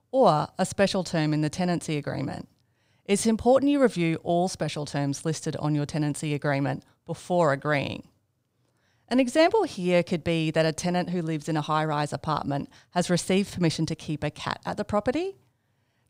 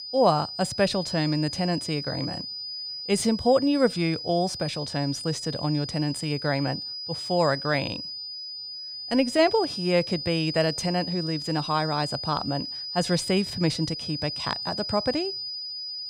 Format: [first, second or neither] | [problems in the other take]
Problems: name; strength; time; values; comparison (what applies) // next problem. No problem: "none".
first | high-pitched whine; loud; throughout; 5 kHz, 6 dB below the speech